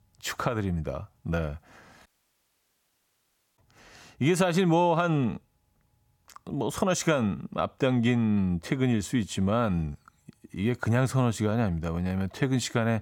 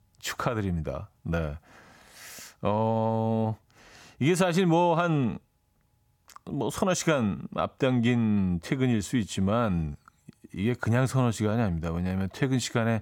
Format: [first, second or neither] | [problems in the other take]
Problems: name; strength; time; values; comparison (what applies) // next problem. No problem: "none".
second | audio cutting out; at 2 s for 1.5 s